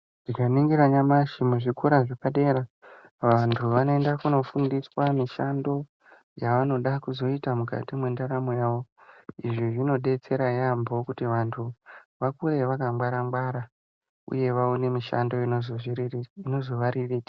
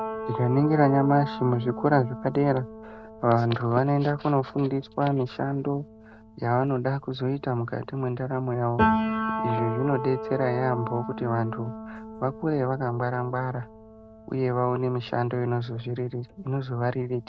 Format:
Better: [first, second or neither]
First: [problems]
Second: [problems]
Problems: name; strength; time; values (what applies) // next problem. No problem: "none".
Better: first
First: none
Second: background sound (Piano); 8 dB below the speech